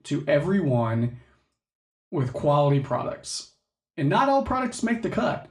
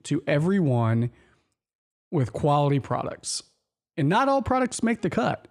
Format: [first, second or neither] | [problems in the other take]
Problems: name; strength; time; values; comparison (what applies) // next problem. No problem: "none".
second | room echo; very slight; dies away in 0.3 s // off-mic speech; somewhat distant